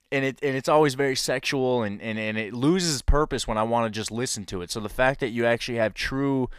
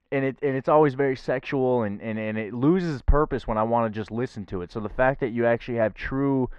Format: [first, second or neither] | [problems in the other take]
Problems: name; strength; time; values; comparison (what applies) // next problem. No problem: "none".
first | muffled; very; fading above 1.5 kHz